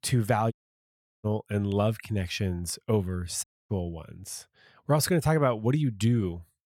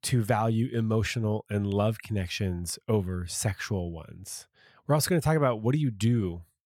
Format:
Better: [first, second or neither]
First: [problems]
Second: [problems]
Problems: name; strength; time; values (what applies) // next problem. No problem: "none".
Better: second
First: audio cutting out; at 0.5 s for 0.5 s and at 3.5 s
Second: none